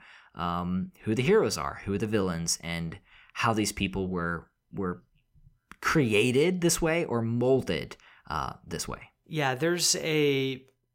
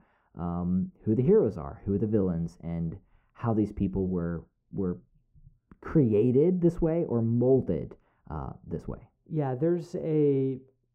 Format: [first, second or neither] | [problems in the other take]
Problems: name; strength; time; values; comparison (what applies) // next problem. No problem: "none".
first | muffled; very; fading above 1.5 kHz